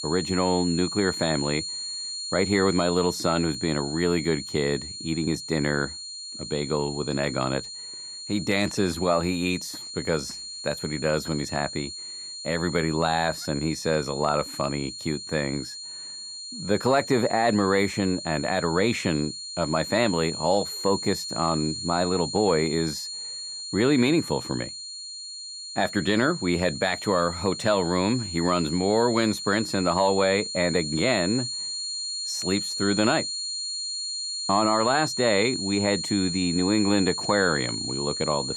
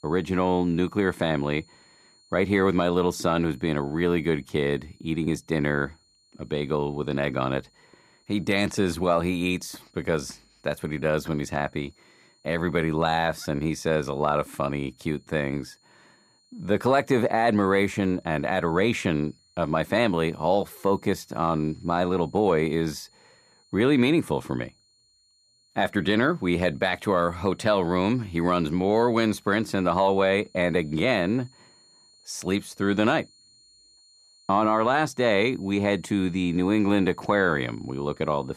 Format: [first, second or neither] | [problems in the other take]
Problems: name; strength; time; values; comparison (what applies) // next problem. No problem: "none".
second | high-pitched whine; loud; throughout; 4 kHz, 6 dB below the speech; faint in the second